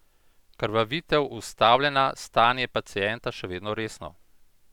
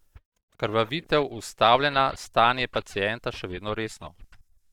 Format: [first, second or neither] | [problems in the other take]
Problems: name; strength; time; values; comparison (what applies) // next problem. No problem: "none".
first | noise reduction (neural mask model DeepFilterNet 3)